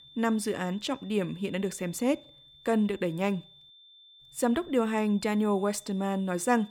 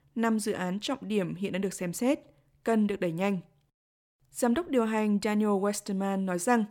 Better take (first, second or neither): second